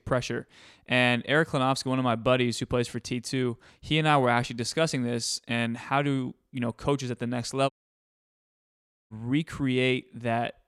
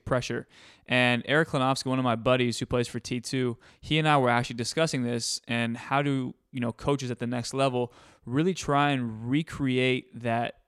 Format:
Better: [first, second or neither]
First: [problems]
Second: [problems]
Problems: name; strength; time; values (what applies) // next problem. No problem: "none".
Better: second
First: audio cutting out; at 7.5 s for 1.5 s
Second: none